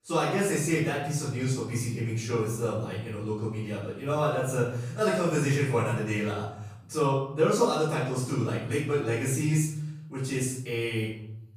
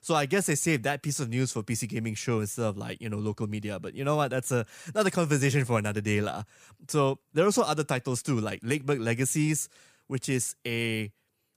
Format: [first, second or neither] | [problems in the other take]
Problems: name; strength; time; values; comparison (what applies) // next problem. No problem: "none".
second | off-mic speech; far // room echo; noticeable; dies away in 0.7 s